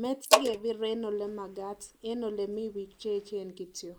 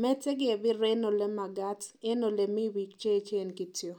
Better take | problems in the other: second | noise reduction (neural mask model Resemble Enhance denoiser)

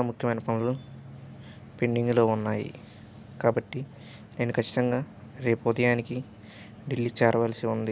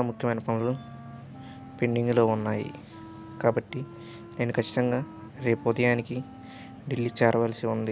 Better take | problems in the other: first | background sound (Wind instrument, woodwind instrument); 19 dB below the speech

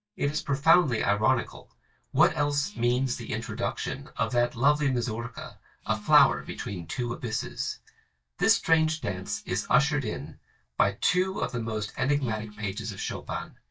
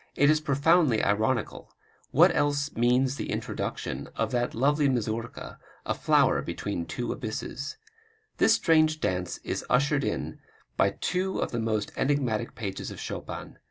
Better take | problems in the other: second | noise reduction (neural mask model DeepFilterNet 3)

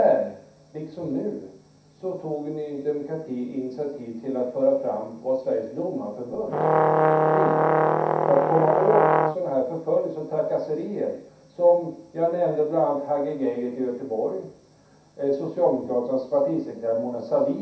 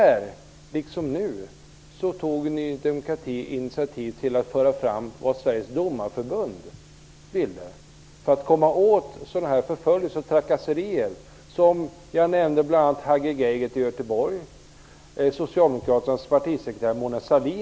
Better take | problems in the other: second | background sound (Brass instrument); 5 dB above the speech // room echo; dies away in 0.7 s

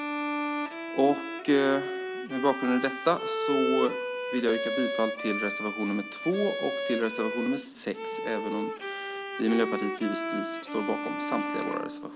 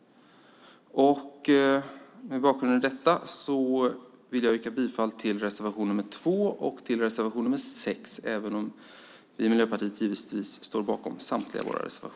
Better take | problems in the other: second | background sound (Bowed string instrument); 3 dB below the speech

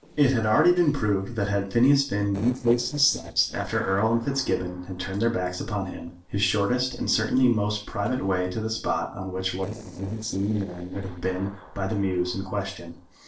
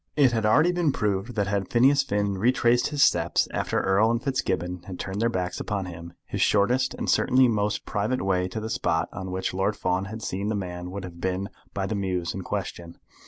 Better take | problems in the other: second | noise reduction (neural separator model SepFormer DNS4)

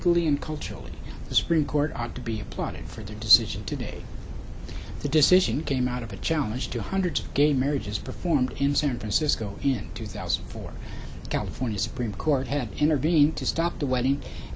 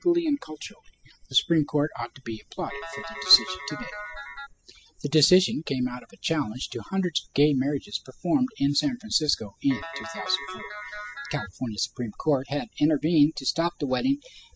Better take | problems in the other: first | noise reduction (classical method spectral subtraction)

